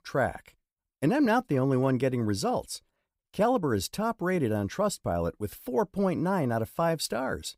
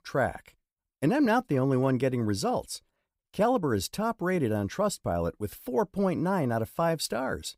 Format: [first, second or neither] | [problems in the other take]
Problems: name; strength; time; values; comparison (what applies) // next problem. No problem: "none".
neither | none